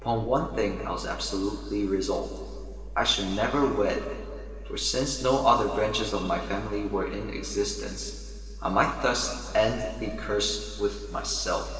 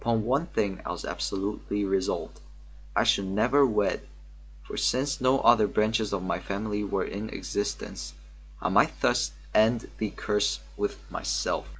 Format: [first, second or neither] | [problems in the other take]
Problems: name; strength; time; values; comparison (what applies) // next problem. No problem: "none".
second | room echo; dies away in 2.4 s